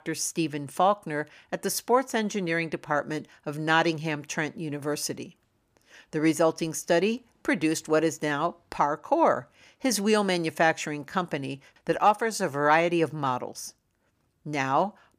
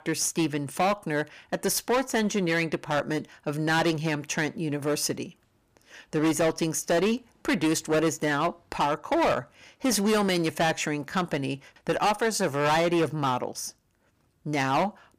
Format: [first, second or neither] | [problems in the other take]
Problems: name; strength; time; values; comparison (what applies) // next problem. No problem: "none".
first | distortion; heavy; 11% of the sound clipped